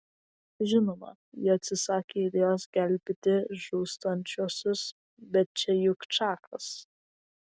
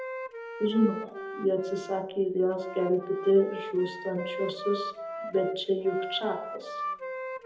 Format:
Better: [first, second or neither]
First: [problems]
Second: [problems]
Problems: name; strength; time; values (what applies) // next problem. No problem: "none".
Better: first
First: none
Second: background sound (Wind instrument, woodwind instrument); 9 dB below the speech // room echo; dies away in 0.8 s